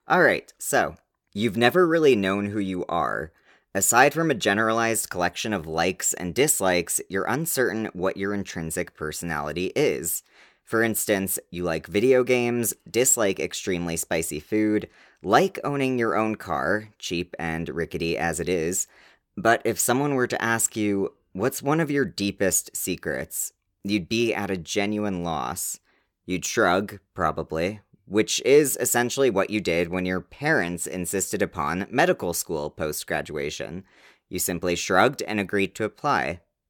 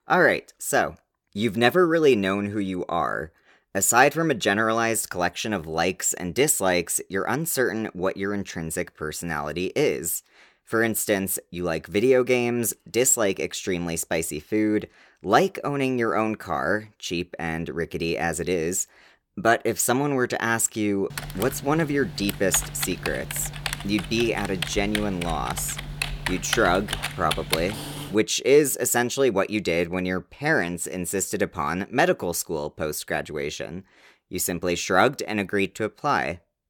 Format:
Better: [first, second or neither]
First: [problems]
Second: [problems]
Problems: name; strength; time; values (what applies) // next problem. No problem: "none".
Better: first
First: none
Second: keyboard typing; noticeable; from 21 to 28 s; peak 3 dB below the speech